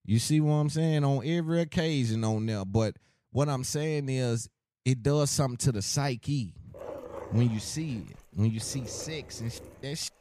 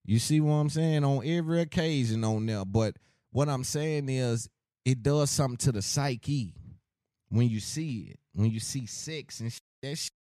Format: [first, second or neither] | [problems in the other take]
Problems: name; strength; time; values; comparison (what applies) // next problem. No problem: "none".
second | dog barking; faint; from 6.5 s on; peak 10 dB below the speech